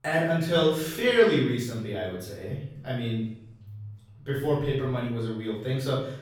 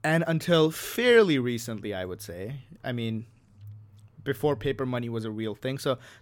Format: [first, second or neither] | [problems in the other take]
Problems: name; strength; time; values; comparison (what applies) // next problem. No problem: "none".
second | room echo; noticeable; dies away in 0.6 s // off-mic speech; far